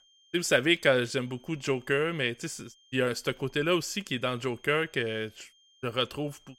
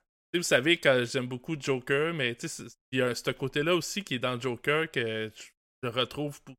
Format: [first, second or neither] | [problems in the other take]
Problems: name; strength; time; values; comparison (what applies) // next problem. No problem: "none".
second | high-pitched whine; faint; throughout; 3 kHz, 30 dB below the speech